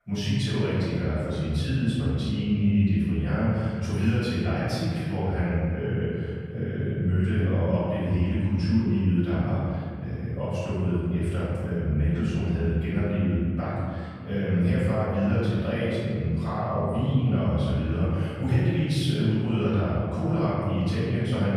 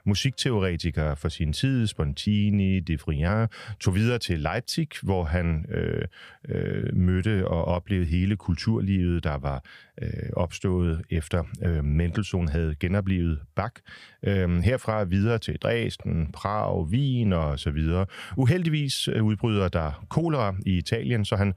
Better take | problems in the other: second | room echo; strong; dies away in 2.4 s // off-mic speech; far

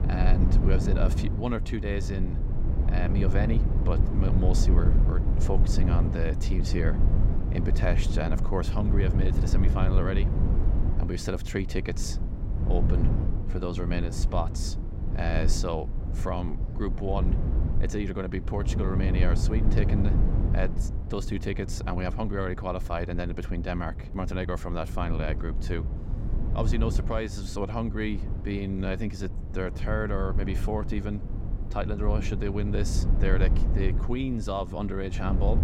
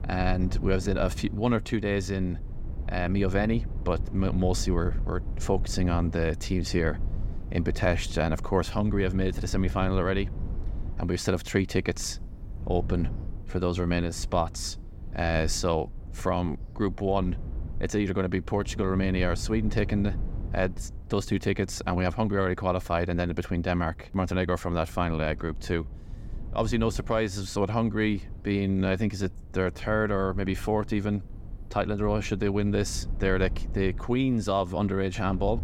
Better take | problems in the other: second | low rumble; loud; throughout; 7 dB below the speech; faint in the second

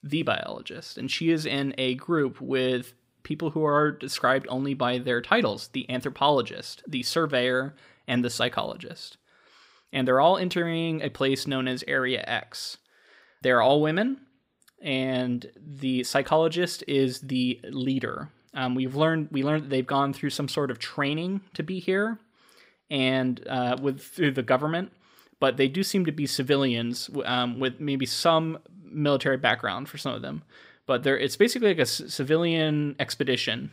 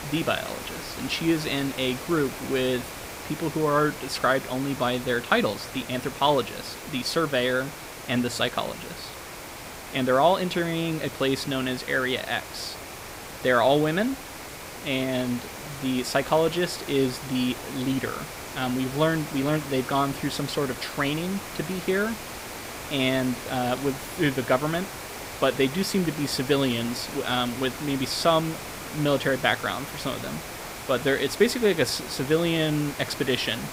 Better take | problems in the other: first | hiss; noticeable; throughout; 10 dB below the speech

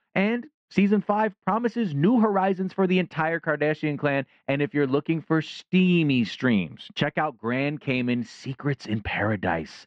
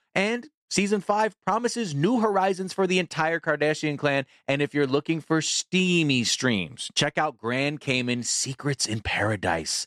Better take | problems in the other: second | muffled; very; fading above 2.5 kHz

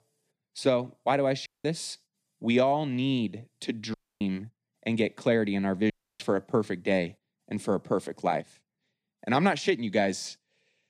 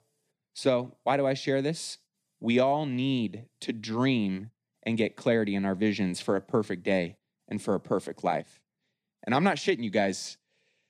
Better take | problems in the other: second | audio cutting out; at 1.5 s, at 4 s and at 6 s

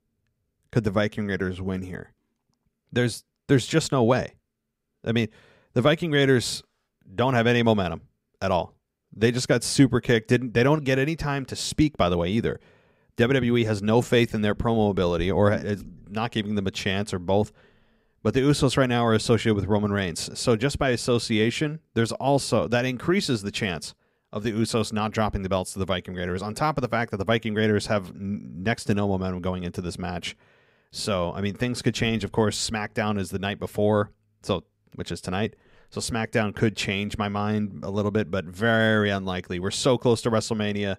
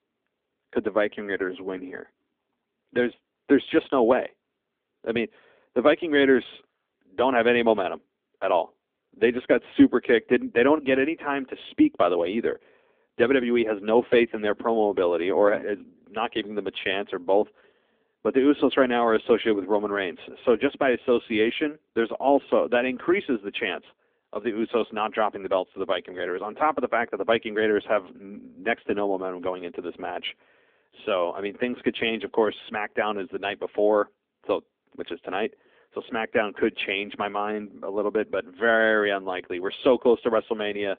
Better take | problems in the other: first | phone-call audio; nothing above 3.5 kHz

